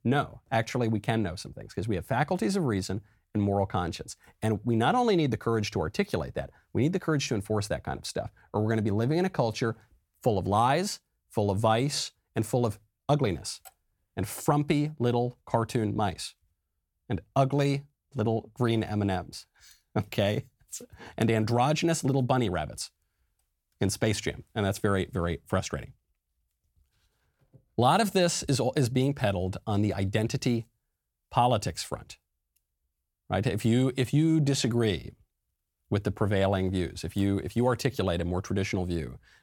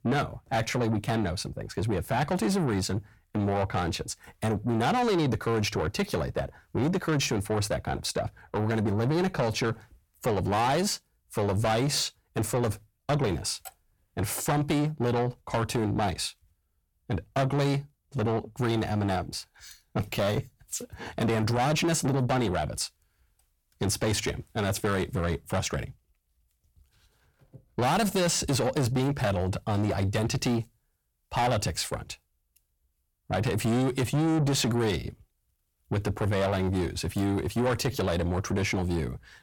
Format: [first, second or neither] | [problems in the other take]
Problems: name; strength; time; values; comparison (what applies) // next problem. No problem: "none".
first | distortion; heavy; 7 dB below the speech